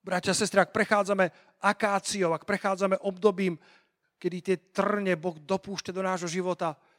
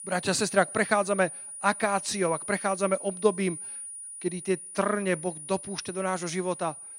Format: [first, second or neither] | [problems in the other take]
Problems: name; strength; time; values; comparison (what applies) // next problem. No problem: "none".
first | high-pitched whine; loud; throughout; 9.5 kHz, 9 dB below the speech